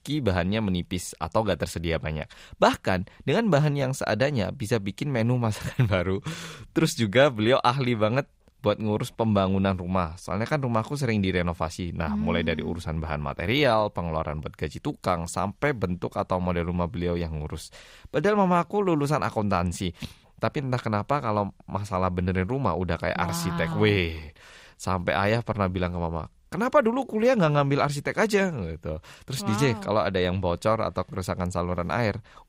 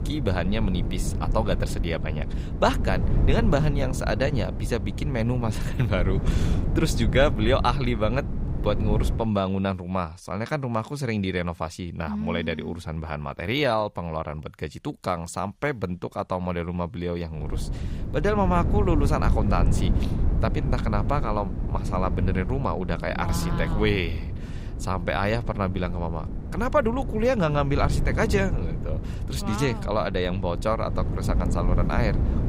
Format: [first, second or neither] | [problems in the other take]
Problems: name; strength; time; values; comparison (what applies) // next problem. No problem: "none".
first | wind noise on the microphone; occasional gusts; until 9 s and from 17 s on; 10 dB below the speech